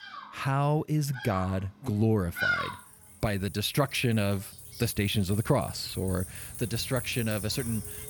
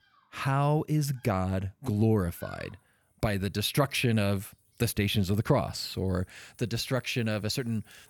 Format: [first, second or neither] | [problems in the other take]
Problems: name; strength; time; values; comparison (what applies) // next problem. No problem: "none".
second | animal sounds; loud; throughout; 8 dB below the speech; faint in the second